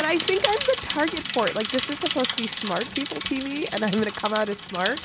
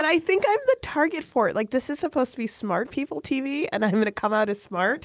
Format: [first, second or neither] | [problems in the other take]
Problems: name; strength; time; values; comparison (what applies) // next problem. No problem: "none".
second | background sound (Bicycle); 5 dB below the speech